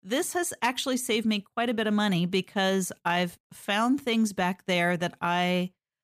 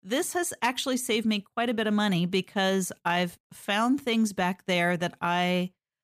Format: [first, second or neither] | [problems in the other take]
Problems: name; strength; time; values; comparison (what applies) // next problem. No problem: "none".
neither | none